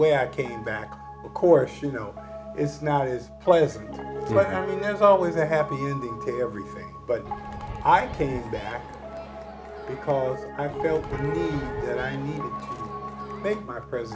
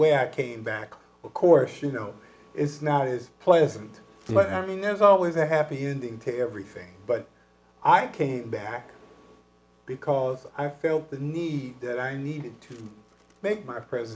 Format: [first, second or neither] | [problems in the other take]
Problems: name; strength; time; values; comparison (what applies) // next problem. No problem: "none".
second | background sound (Crowd + Piano); 9 dB below the speech